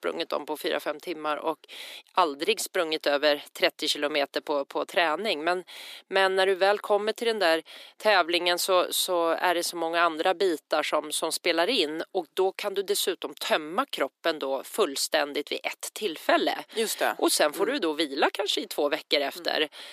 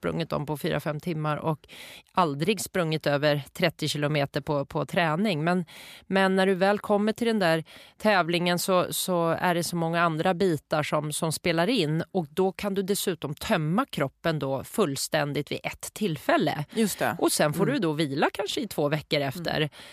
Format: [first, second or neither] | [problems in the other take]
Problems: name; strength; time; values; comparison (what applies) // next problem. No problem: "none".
second | thin; somewhat; fading below 300 Hz